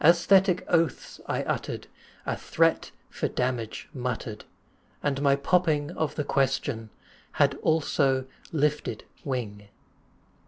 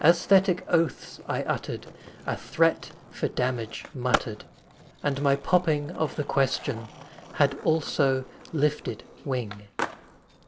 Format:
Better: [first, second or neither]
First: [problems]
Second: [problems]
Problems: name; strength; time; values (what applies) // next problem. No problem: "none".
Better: first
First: none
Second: background sound (Skateboard); 13 dB below the speech